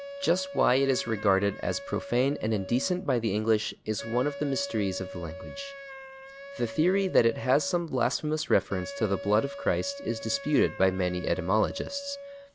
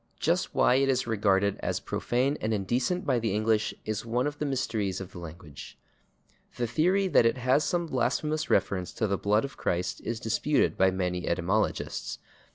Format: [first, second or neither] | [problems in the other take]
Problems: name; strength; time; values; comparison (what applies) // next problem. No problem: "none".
second | background sound (Wind instrument, woodwind instrument); 13 dB below the speech